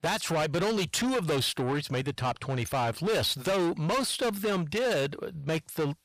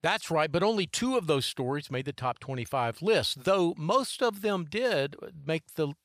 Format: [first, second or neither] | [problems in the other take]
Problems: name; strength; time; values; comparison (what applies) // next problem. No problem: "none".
second | distortion; heavy; 6 dB below the speech